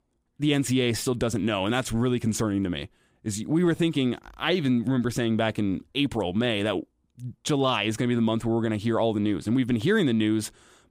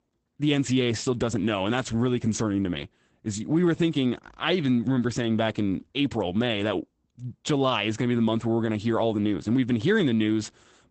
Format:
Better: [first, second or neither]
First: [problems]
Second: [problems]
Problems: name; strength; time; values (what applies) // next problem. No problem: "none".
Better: first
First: none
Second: garbled, watery; badly; nothing above 8 kHz